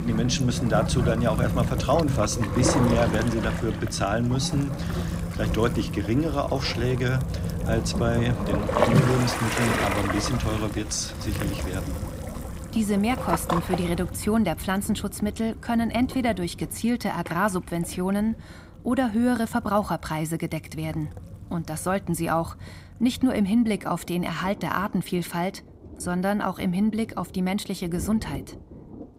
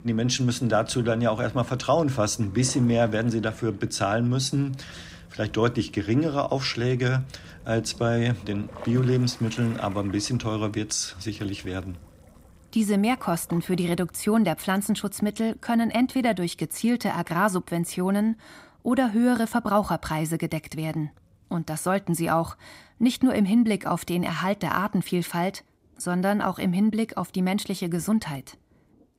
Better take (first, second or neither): second